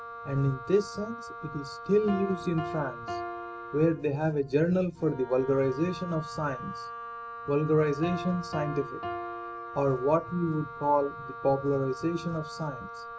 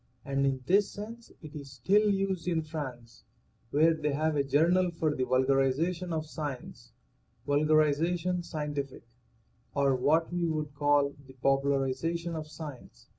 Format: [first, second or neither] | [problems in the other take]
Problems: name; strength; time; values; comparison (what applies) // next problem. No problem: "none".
second | background sound (Piano + Wind instrument, woodwind instrument); 10 dB below the speech